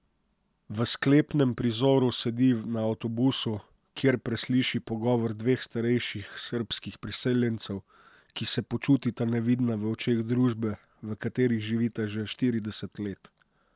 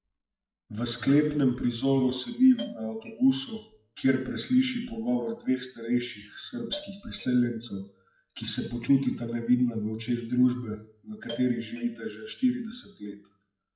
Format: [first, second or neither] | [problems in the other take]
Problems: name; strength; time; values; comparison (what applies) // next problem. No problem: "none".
first | noise reduction (classical method WPE with log-MMSE)